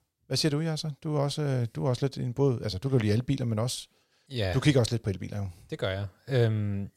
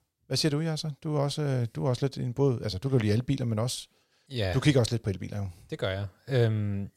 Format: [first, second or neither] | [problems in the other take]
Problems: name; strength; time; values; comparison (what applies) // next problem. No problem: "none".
neither | none